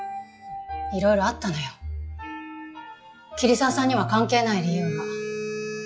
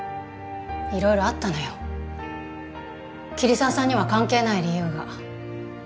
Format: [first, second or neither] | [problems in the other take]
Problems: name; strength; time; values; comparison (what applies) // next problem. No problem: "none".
second | noise reduction (classical method log-MMSE)